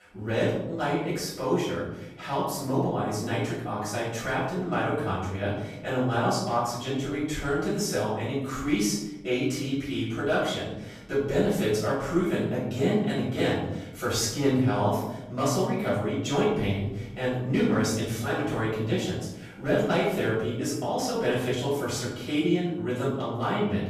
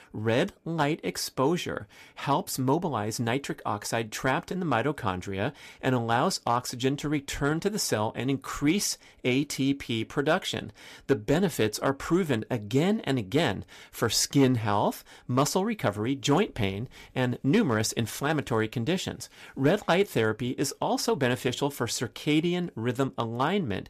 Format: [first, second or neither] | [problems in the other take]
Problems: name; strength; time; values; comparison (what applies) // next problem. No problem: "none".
second | off-mic speech; far // room echo; noticeable; dies away in 0.8 s